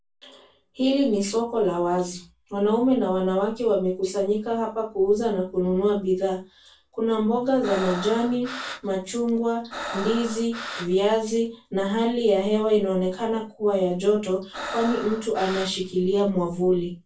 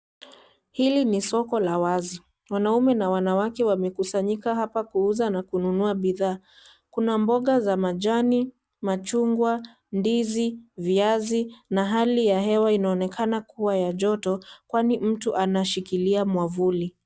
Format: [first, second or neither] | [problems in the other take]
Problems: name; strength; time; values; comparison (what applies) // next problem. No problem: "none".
second | background sound (Breathing); 12 dB below the speech // room echo; dies away in 0.2 s